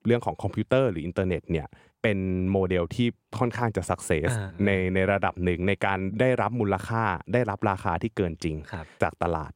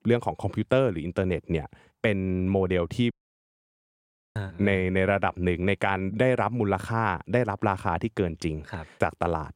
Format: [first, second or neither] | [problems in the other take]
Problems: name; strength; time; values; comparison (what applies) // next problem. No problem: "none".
first | audio cutting out; at 3 s for 1.5 s